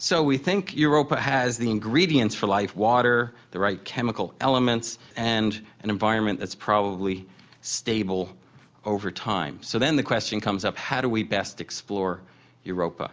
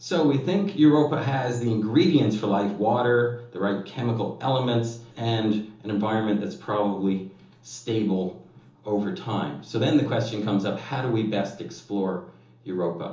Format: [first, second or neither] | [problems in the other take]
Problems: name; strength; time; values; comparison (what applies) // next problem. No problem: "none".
first | room echo; dies away in 1.2 s